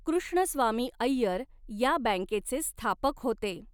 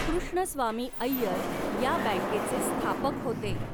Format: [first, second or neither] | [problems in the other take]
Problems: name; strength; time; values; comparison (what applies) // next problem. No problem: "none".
first | background sound (Sliding door); 1 dB below the speech